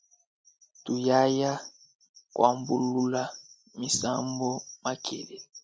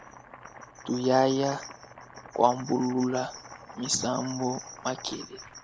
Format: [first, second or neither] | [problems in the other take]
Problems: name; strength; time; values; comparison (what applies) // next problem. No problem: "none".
first | background sound (Domestic sounds, home sounds); 18 dB below the speech